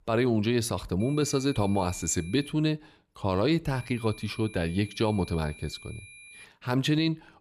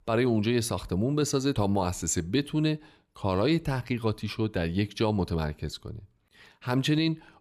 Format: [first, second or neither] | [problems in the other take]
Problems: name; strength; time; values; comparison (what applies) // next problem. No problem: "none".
second | high-pitched whine; noticeable; from 1 to 2.5 s and from 4 to 6.5 s; 2.5 kHz, 20 dB below the speech